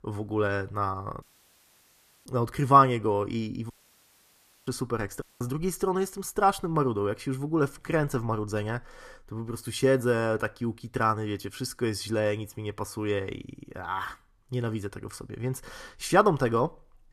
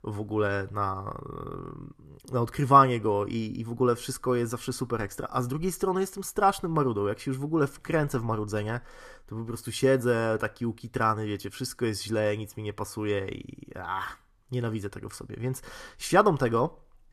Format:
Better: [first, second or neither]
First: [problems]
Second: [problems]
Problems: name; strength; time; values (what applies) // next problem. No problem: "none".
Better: second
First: audio cutting out; at 1 s for 1 s, at 3.5 s for 1 s and at 5 s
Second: none